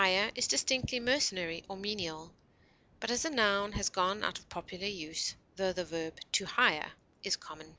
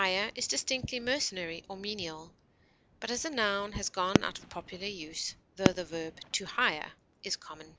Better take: first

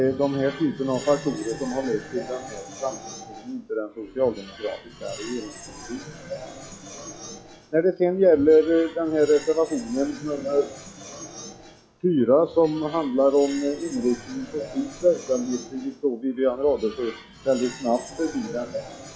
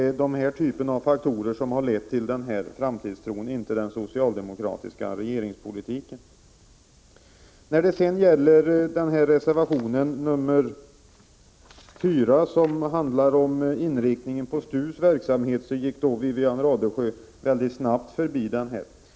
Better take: second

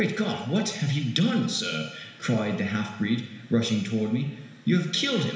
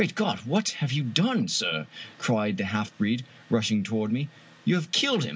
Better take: second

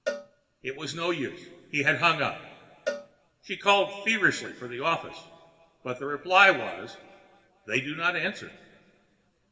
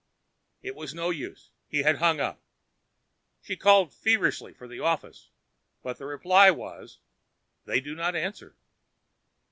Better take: second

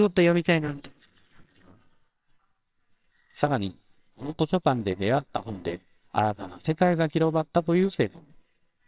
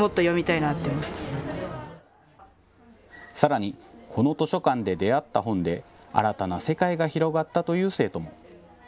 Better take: second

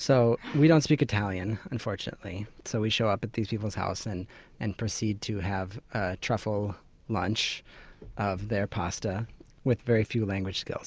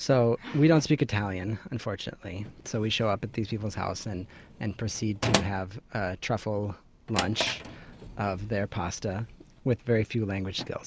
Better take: first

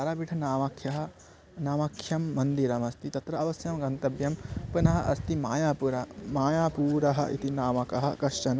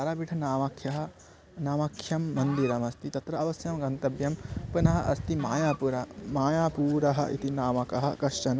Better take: first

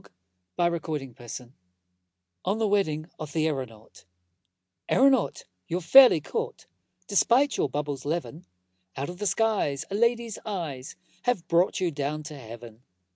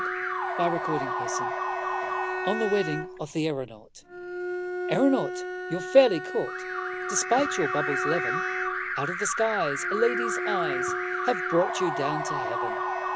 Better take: first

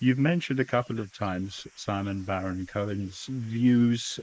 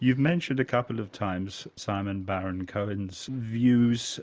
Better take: second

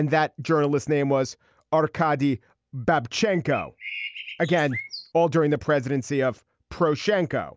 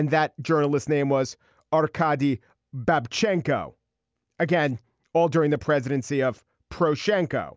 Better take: second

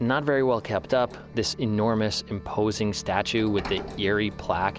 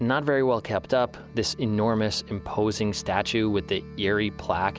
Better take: second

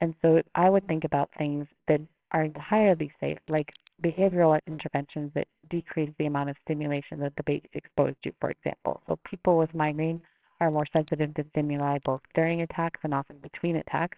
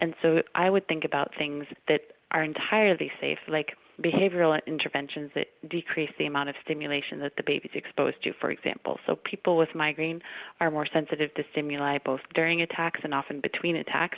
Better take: second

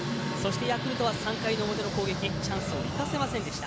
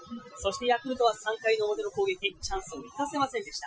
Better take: first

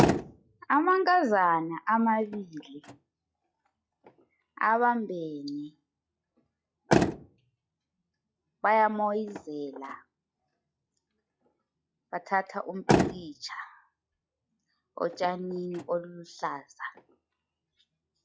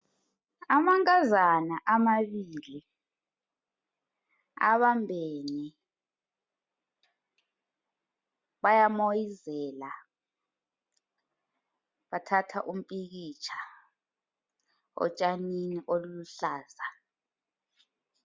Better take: second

